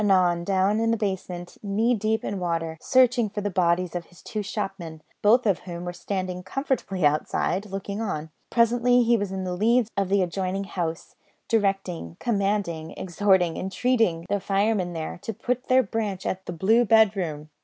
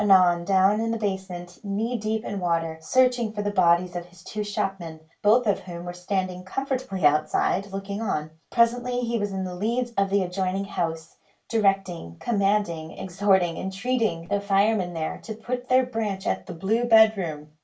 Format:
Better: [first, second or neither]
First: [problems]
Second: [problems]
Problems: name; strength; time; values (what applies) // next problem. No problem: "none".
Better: first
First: none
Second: room echo; dies away in 0.2 s